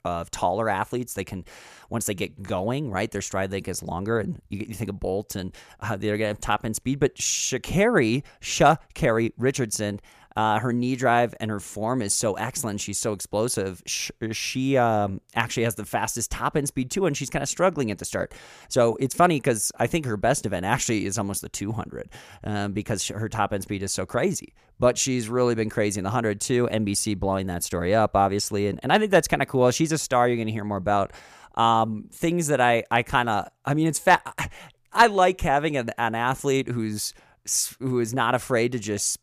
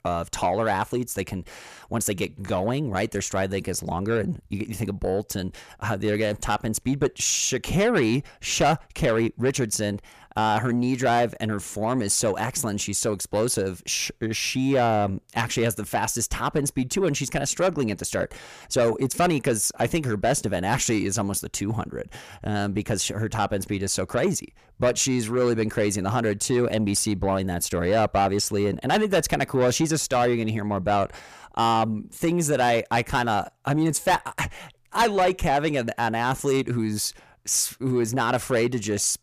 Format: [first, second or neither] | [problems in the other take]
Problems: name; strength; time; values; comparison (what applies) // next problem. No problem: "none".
first | distortion; slight; 10 dB below the speech